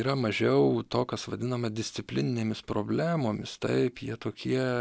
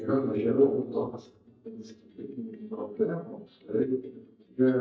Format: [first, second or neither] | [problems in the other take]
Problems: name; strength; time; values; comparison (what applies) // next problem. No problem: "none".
first | noise reduction (neural mask model DeepFilterNet 3)